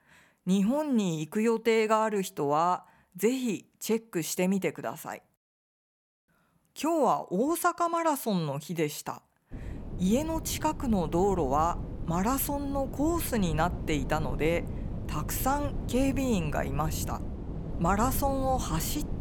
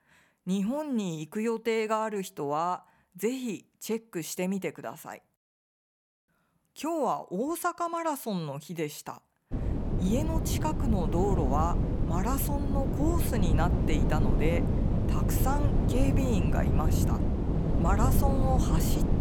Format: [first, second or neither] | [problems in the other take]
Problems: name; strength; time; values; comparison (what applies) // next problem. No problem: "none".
first | wind noise on the microphone; heavy; from 9.5 s on; 4 dB below the speech; occasional gusts in the first